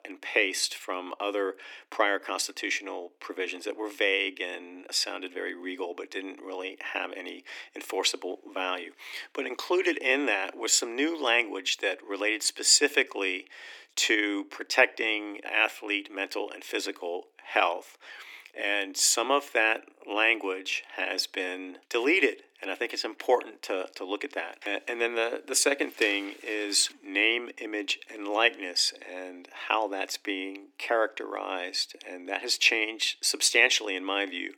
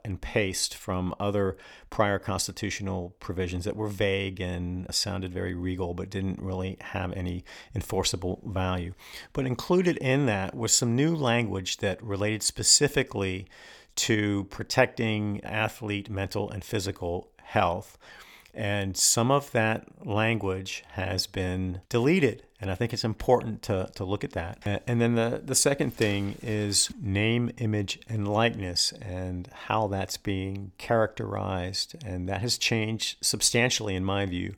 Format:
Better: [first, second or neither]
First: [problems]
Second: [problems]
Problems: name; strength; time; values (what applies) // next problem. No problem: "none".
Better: second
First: thin; somewhat; fading below 300 Hz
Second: none